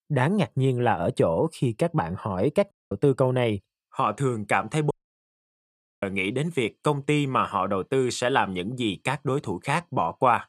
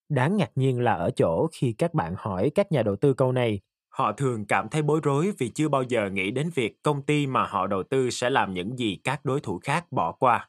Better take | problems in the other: second | audio cutting out; at 2.5 s and at 5 s for 1 s

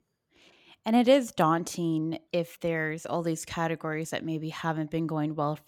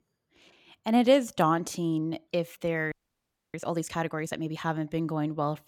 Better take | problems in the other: first | audio freezing; at 3 s for 0.5 s

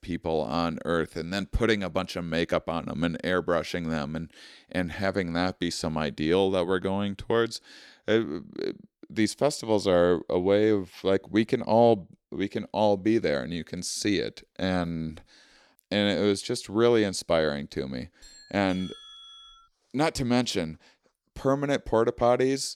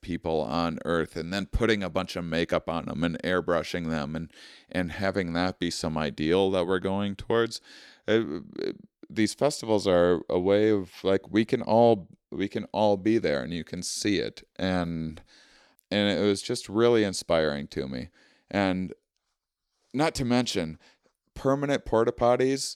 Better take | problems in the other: second | doorbell; faint; from 18 to 20 s; peak 15 dB below the speech

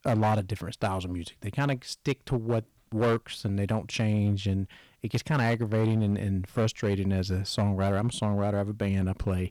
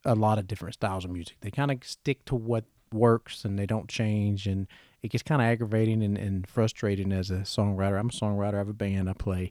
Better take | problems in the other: second | distortion; slight; 7% of the sound clipped

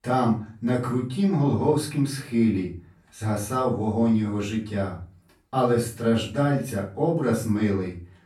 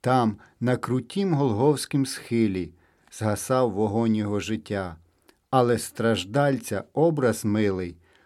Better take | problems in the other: second | room echo; slight; dies away in 0.4 s // off-mic speech; far

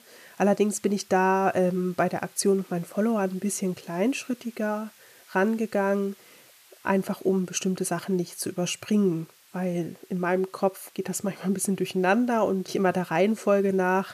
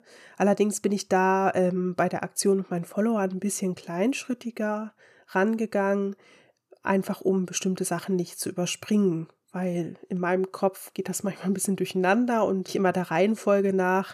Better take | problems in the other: second | hiss; faint; throughout; 25 dB below the speech

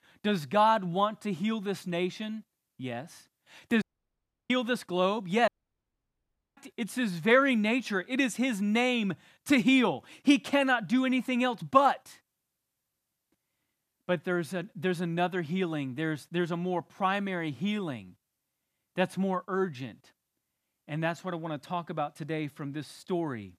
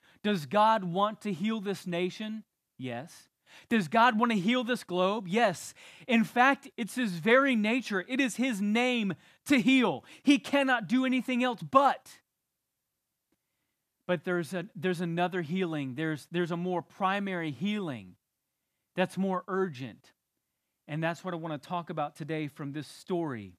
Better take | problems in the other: second | audio cutting out; at 4 s for 0.5 s and at 5.5 s for 1 s

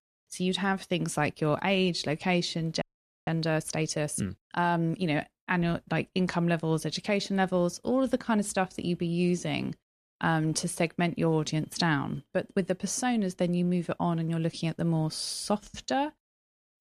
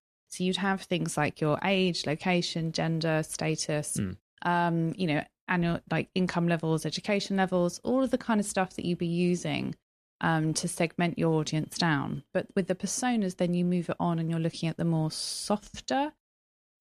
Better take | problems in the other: second | audio freezing; at 3 s

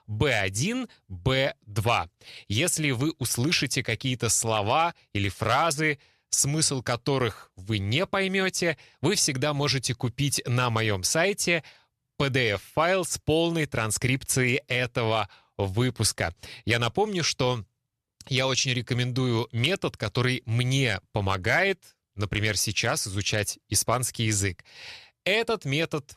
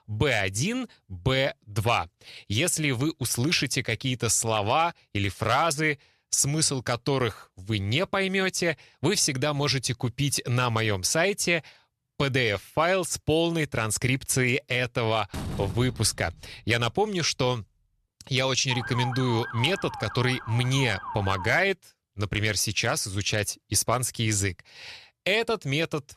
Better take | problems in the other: first | door banging; noticeable; from 15 to 17 s; peak 8 dB below the speech // siren; noticeable; from 19 to 22 s; peak 8 dB below the speech

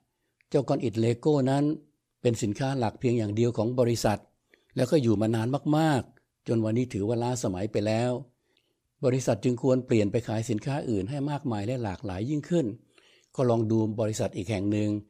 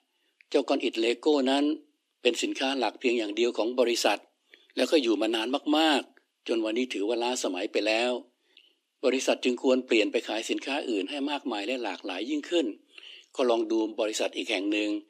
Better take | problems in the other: first | thin; very slightly; fading below 250 Hz

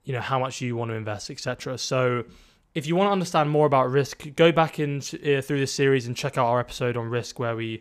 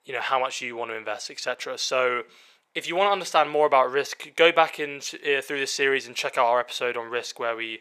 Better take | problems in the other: first | thin; very; fading below 550 Hz

